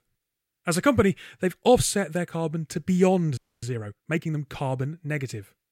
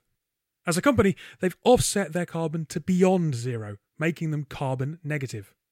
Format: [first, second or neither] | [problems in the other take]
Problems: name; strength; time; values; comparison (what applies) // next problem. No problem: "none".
second | audio freezing; at 3.5 s